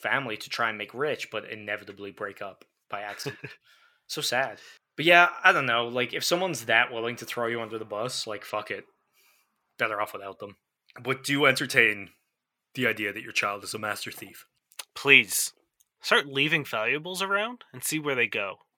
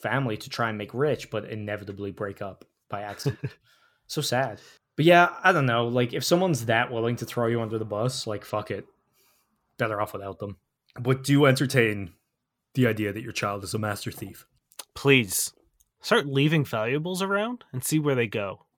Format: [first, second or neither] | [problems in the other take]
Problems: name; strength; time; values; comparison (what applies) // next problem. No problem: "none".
second | thin; somewhat; fading below 550 Hz